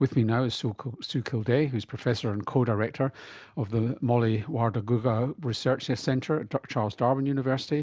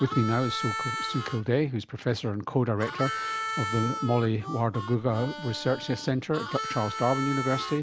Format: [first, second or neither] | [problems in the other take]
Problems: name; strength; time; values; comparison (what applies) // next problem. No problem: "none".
first | background sound (Harmonica); 7 dB below the speech